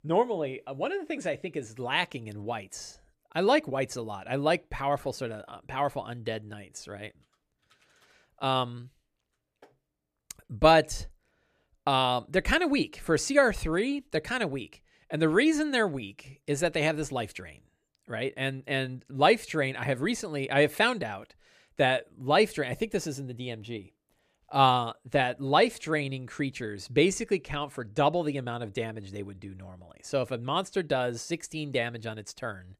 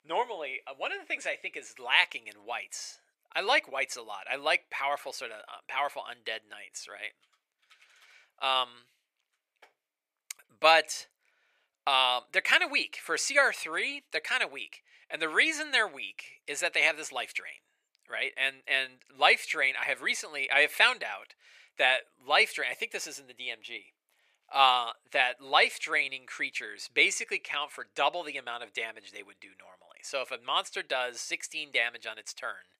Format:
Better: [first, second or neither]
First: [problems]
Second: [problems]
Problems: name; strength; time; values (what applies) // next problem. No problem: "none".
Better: first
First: none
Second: thin; very; fading below 850 Hz